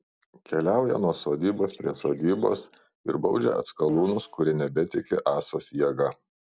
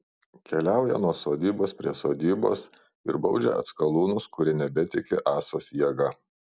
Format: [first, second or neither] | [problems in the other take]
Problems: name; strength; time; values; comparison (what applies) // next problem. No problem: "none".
second | noise reduction (neural separator model SepFormer DNS4)